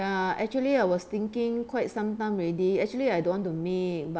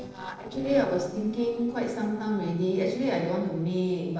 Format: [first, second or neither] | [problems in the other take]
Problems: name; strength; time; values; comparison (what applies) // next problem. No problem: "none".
first | noise reduction (neural separator model SepFormer DNS4)